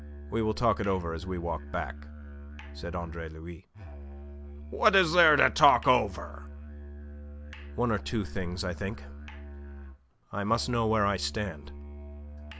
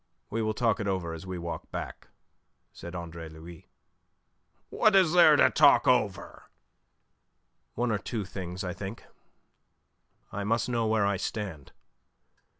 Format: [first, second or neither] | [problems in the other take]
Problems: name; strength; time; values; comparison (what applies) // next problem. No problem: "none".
second | background sound (Musical instrument); 12 dB below the speech